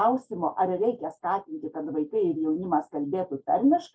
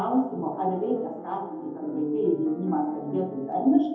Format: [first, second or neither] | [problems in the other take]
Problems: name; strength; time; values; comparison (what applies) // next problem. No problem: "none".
first | background sound (Piano); 16 dB below the speech // room echo; dies away in 0.8 s